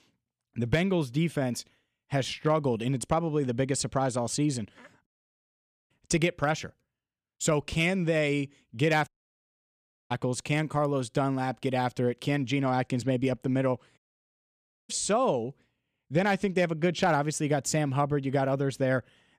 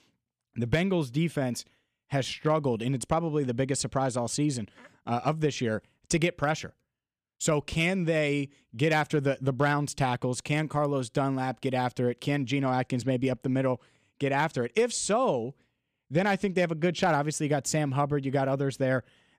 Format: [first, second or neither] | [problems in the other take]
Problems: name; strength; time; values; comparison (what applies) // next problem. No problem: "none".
second | audio cutting out; at 5 s for 1 s, at 9 s for 1 s and at 14 s for 1 s